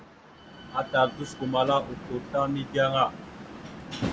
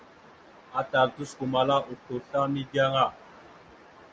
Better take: second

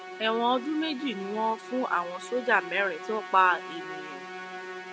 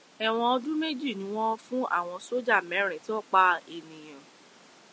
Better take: second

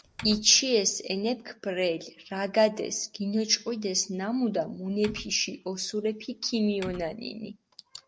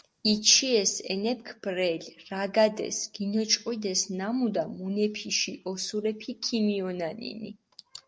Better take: second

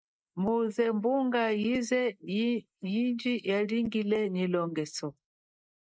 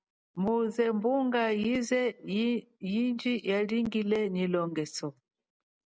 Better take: second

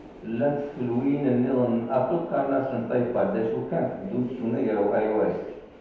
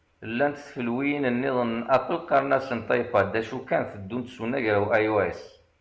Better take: second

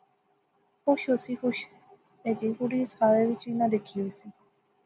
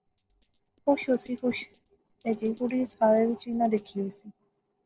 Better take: first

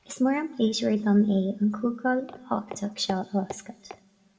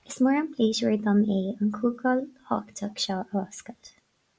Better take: second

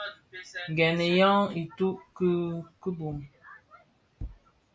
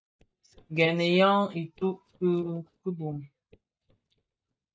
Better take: first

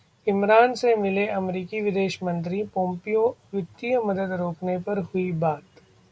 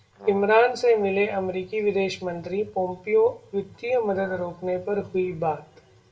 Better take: first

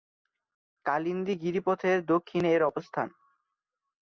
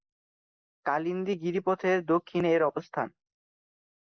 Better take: first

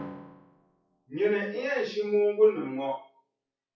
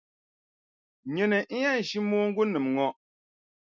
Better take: second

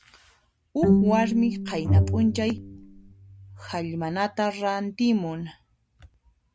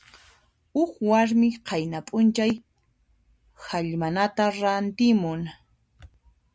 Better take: second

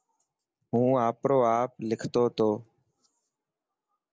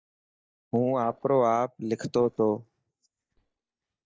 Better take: first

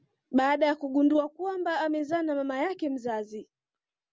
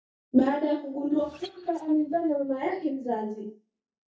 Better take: first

